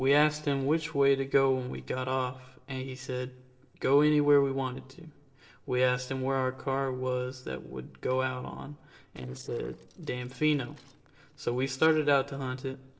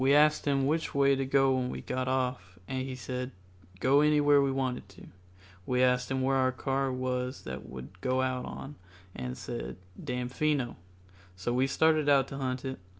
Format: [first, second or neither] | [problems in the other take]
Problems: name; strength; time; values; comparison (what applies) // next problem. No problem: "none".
second | noise reduction (neural separator model SepFormer DNS4)